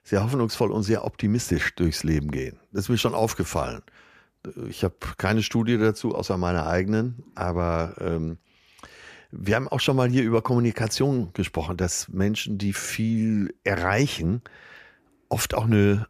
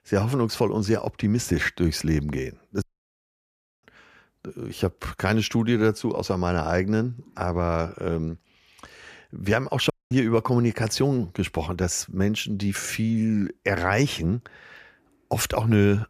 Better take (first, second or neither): first